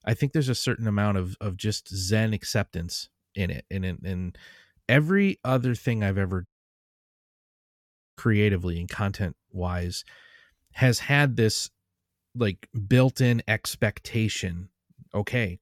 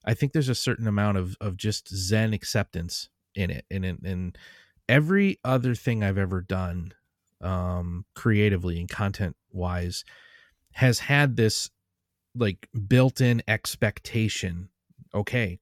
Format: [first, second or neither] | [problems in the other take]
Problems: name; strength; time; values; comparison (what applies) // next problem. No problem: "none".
second | audio cutting out; at 6.5 s for 1.5 s